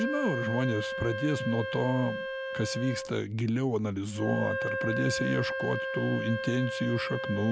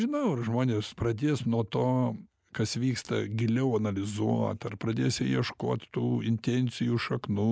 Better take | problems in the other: second | background sound (Wind instrument, woodwind instrument); 4 dB below the speech

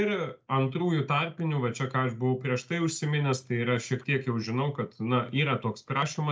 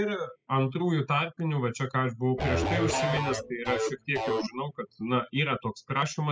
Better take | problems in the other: first | noise reduction (classical method spectral subtraction)

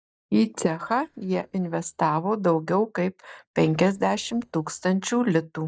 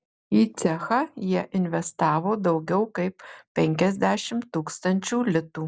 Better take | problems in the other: second | noise reduction (neural mask model DeepFilterNet 3)

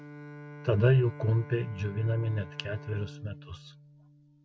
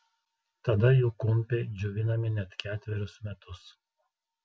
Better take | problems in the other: second | background sound (Bowed string instrument); 16 dB below the speech

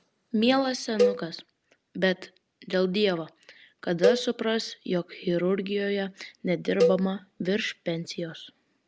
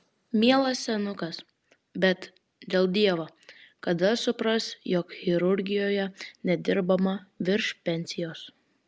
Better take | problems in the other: second | background sound (Cowbell); 2 dB below the speech

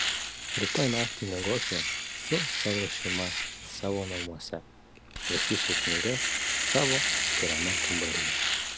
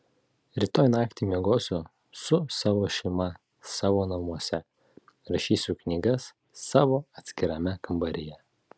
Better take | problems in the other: second | background sound (Domestic sounds, home sounds); 4 dB above the speech

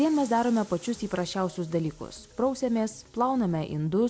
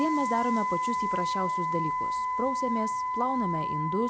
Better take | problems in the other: first | background sound (Wind instrument, woodwind instrument); 2 dB above the speech

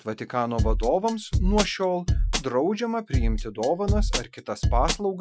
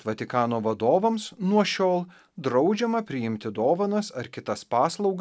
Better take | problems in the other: second | noise reduction (classical method Wiener filter)

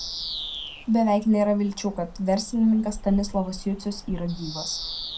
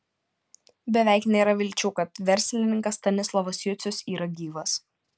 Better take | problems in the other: second | background sound (Bird vocalization, bird call, bird song); 11 dB below the speech // room echo; dies away in 0.2 s

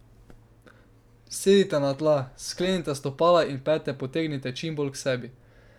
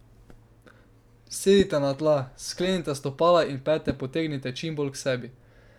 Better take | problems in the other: first | background sound (Whoosh, swoosh, swish); 16 dB below the speech

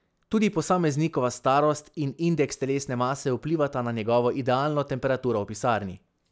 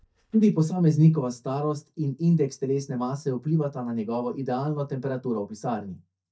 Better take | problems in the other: first | noise reduction (neural mask model DeepFilterNet 3)

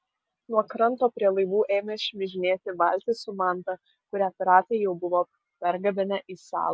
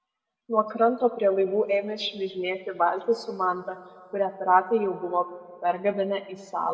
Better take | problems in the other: first | room echo; dies away in 1.3 s

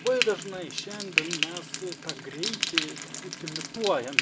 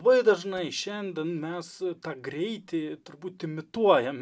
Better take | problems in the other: second | background sound (Frying (food)); 1 dB above the speech

